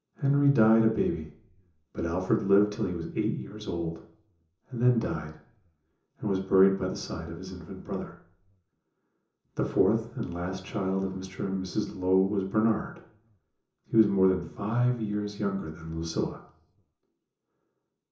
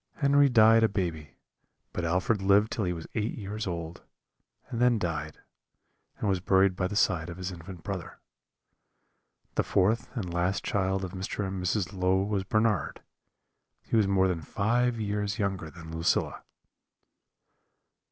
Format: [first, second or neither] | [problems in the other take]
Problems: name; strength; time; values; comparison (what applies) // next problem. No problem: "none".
second | room echo; dies away in 0.6 s